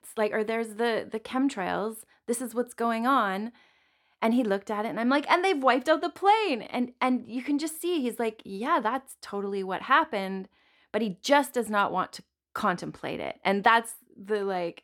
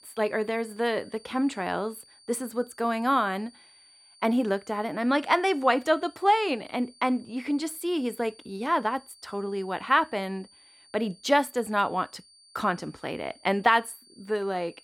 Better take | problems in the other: first | high-pitched whine; faint; throughout; 4.5 kHz, 25 dB below the speech

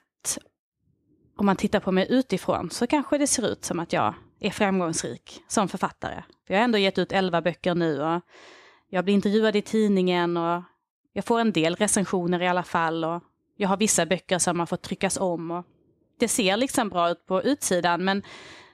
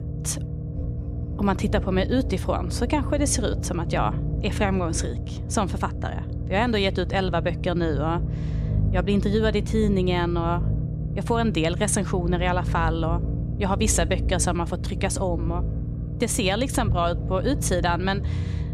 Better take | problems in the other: first | low rumble; noticeable; throughout; 15 dB below the speech

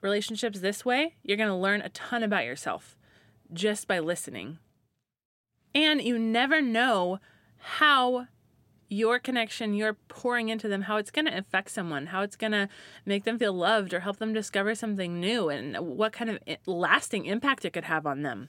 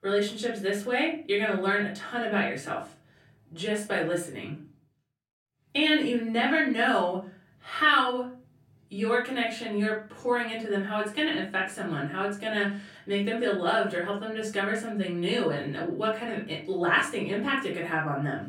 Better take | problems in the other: first | off-mic speech; far // room echo; slight; dies away in 0.3 s

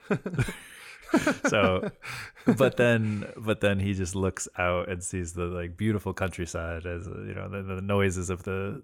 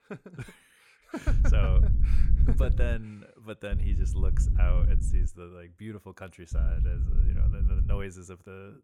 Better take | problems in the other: first | low rumble; loud; from 1.5 to 3 s, from 3.5 to 5.5 s and from 6.5 to 8 s; 5 dB below the speech

